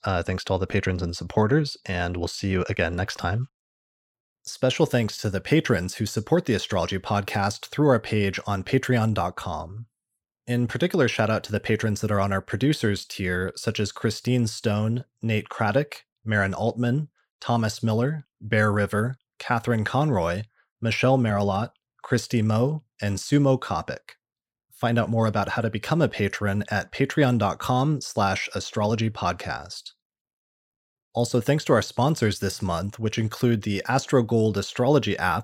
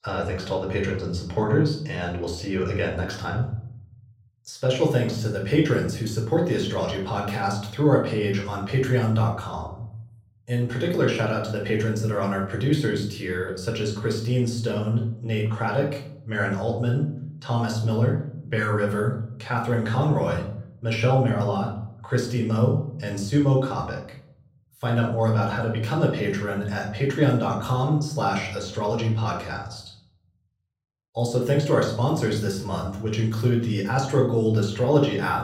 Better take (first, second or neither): first